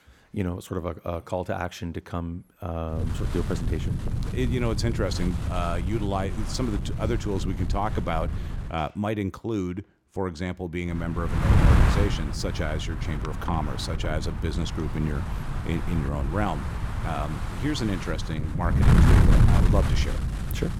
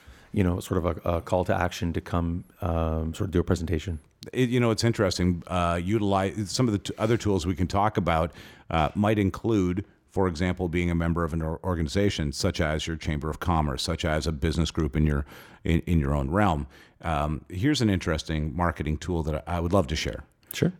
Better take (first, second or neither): second